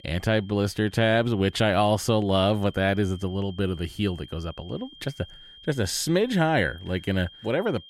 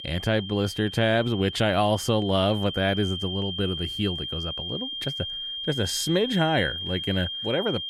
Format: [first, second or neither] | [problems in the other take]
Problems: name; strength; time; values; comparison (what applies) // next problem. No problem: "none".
first | high-pitched whine; loud; throughout; 3 kHz, 6 dB below the speech; faint in the first